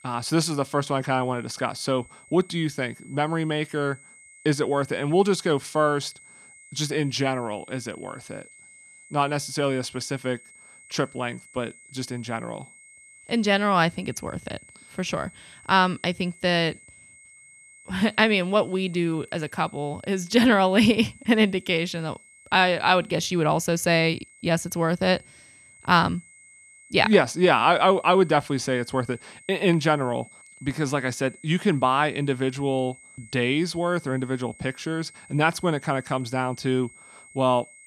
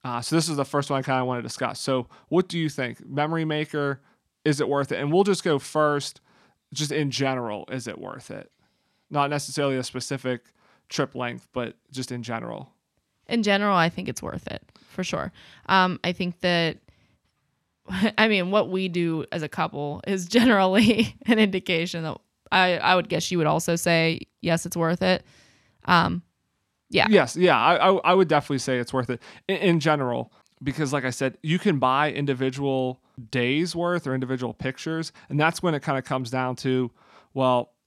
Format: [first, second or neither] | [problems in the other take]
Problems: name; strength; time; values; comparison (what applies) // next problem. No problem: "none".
second | high-pitched whine; faint; throughout; 2 kHz, 25 dB below the speech